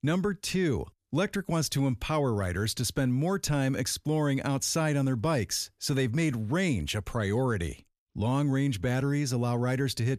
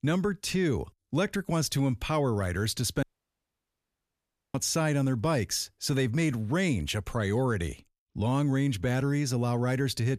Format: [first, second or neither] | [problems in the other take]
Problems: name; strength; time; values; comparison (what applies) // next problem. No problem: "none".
first | audio cutting out; at 3 s for 1.5 s